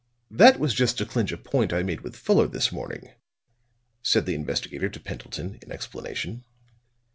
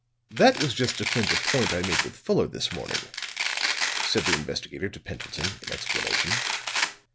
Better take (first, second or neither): first